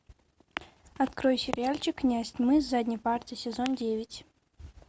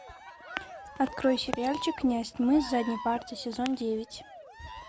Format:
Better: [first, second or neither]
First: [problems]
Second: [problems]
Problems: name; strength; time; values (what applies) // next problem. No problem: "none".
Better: first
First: none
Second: background sound (Cheering); 14 dB below the speech